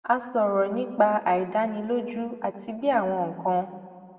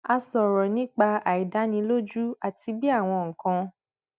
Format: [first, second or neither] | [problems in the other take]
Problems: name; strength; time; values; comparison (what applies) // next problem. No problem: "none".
second | room echo; dies away in 1.4 s